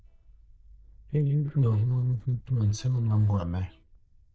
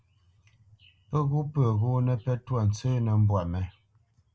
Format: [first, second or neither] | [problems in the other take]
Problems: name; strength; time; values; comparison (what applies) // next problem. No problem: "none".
second | noise reduction (neural diffusion model UNIVERSE++)